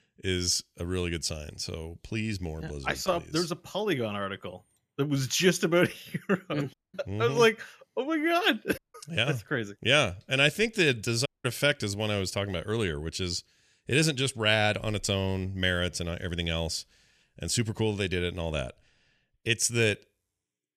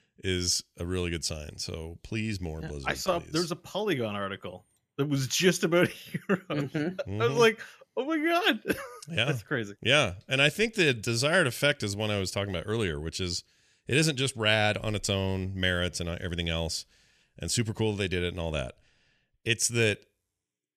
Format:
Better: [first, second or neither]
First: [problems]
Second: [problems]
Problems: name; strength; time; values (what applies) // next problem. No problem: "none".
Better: second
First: audio cutting out; at 6.5 s, at 9 s and at 11 s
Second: none